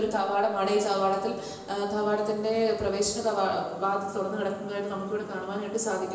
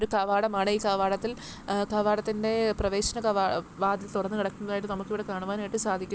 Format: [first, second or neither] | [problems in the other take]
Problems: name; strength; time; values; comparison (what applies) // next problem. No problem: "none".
second | room echo; dies away in 1 s